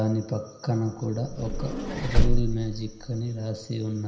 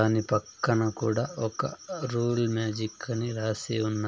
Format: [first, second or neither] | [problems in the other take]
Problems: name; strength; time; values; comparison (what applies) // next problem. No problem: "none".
second | background sound (Vehicle); 3 dB above the speech // room echo; dies away in 0.9 s